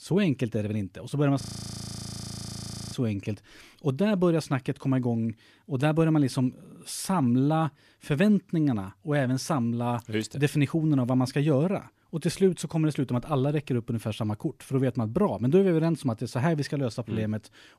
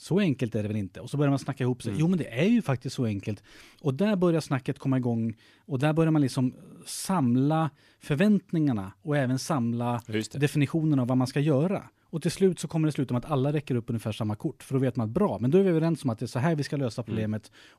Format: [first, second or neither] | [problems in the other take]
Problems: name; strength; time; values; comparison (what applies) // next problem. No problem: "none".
second | audio freezing; at 1.5 s for 1.5 s